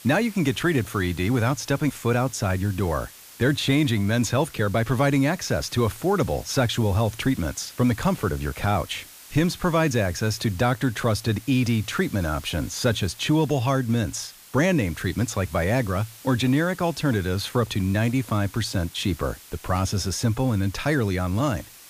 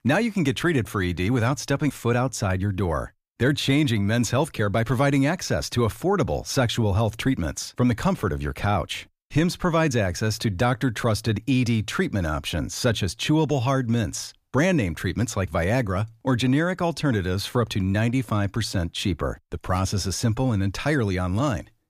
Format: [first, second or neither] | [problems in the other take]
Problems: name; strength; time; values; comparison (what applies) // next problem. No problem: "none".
second | hiss; noticeable; throughout; 20 dB below the speech